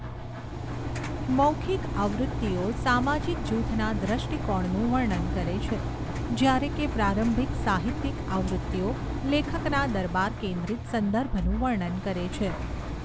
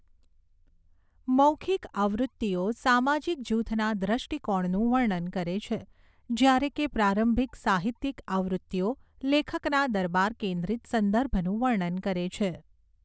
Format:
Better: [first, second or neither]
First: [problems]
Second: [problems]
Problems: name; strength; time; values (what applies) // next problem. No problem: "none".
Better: second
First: background sound (Engine); 2 dB below the speech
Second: none